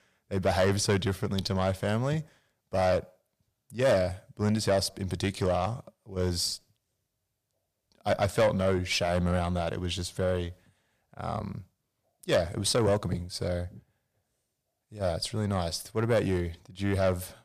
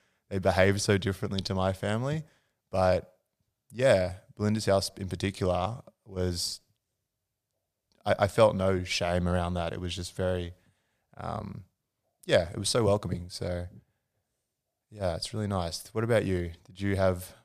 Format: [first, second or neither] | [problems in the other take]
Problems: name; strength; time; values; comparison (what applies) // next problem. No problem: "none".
second | distortion; slight; 10 dB below the speech